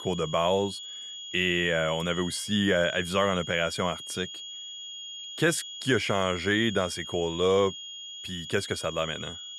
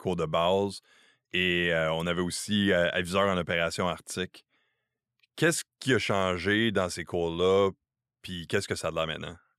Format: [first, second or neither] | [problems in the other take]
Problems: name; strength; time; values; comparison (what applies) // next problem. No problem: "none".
second | high-pitched whine; noticeable; throughout; 3.5 kHz, 10 dB below the speech